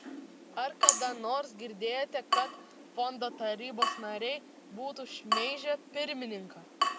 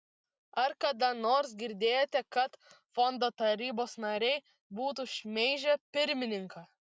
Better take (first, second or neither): second